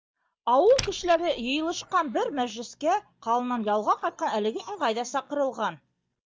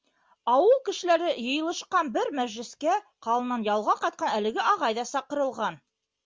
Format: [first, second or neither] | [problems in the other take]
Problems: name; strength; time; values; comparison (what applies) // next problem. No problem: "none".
second | noise reduction (neural mask model DeepFilterNet 3)